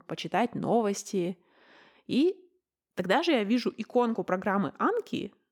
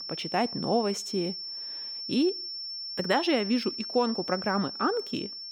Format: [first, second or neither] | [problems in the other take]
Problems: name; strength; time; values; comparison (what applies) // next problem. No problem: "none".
first | high-pitched whine; loud; throughout; 5.5 kHz, 6 dB below the speech